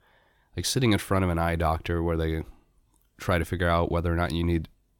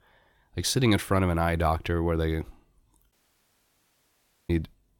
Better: first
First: none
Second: audio cutting out; at 3 s for 1.5 s

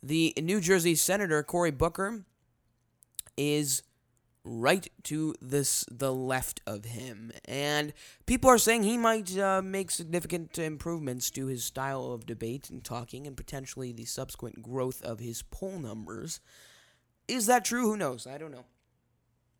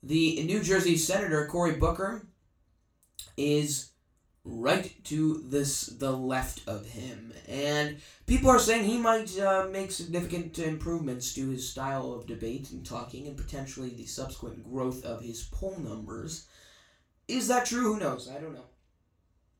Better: first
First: none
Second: room echo; slight; dies away in 0.2 s // off-mic speech; far

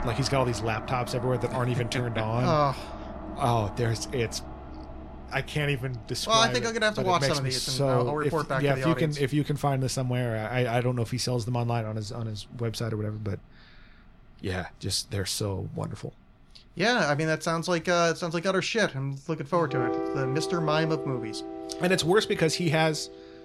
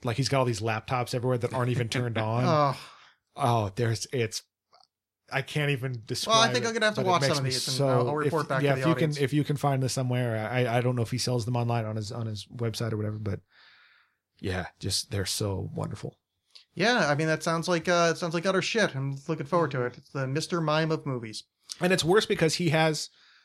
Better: second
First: background music; noticeable; throughout; 10 dB below the speech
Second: none

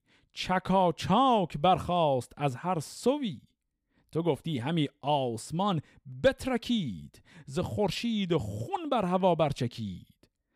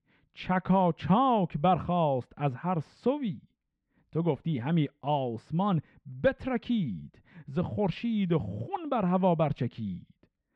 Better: first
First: none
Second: muffled; slightly; fading above 2 kHz

